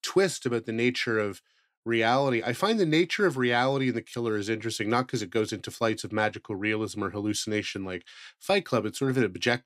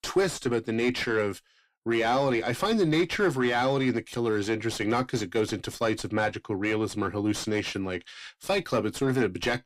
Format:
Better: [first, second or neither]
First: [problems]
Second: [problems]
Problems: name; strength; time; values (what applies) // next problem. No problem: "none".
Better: first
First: none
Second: distortion; slight; 9 dB below the speech